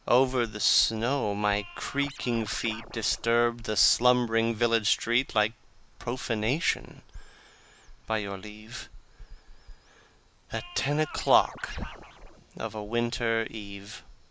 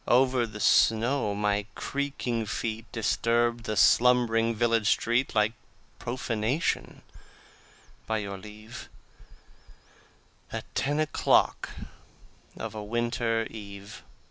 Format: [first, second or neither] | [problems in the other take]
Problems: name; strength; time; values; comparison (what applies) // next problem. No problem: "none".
second | background sound (Scratching (performance technique)); 15 dB below the speech